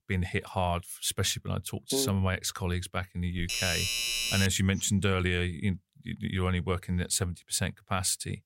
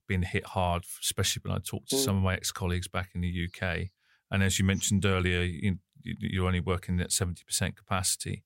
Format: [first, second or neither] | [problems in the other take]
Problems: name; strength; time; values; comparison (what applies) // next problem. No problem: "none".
second | doorbell; loud; from 3.5 to 4.5 s; peak 2 dB above the speech